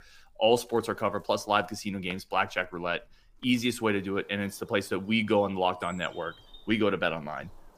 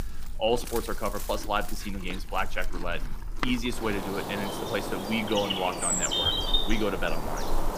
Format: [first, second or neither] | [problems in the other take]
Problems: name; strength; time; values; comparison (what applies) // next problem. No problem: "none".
first | animal sounds; loud; throughout; as loud as the speech; faint in the first